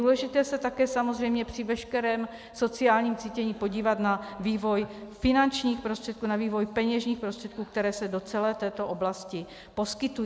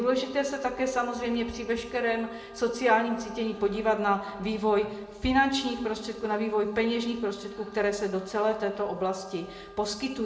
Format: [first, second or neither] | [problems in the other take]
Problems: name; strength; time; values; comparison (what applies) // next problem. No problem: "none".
first | background sound (Wind instrument, woodwind instrument); 19 dB below the speech // room echo; dies away in 0.6 s